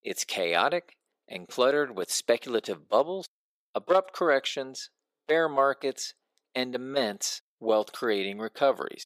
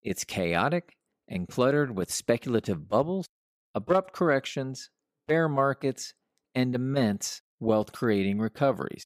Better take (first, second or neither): second